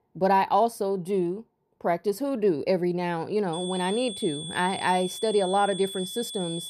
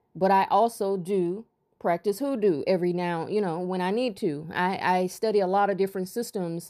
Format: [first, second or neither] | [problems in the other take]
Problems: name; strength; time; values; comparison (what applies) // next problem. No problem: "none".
second | high-pitched whine; loud; from 3.5 s on; 3.5 kHz, 9 dB below the speech